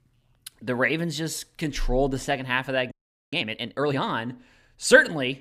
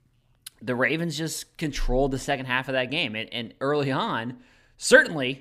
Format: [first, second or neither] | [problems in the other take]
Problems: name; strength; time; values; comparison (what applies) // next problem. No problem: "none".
second | audio freezing; at 3 s